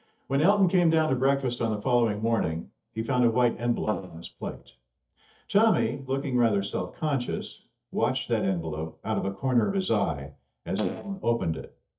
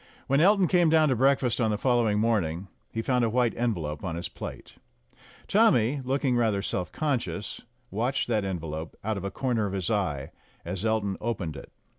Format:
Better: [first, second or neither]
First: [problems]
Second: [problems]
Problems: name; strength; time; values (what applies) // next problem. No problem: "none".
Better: second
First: noise reduction (neural mask model DeepFilterNet 3)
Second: none